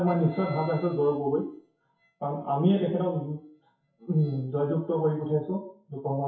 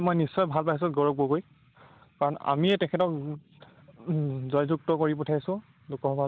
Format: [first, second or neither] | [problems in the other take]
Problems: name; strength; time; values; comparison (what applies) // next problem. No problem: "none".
second | noise reduction (classical method WPE with log-MMSE)